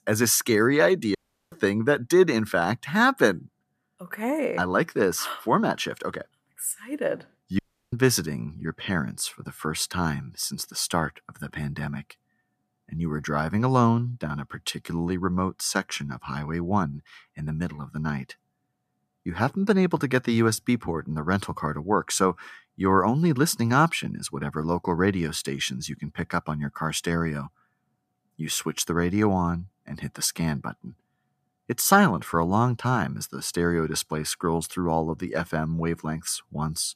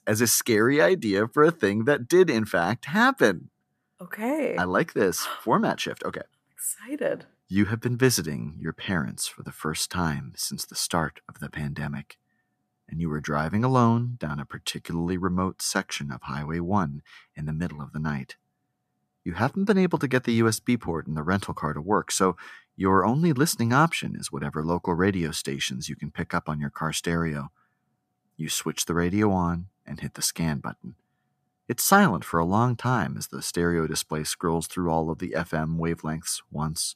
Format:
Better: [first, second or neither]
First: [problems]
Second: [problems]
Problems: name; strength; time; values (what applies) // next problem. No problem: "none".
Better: second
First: audio cutting out; at 1 s and at 7.5 s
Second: none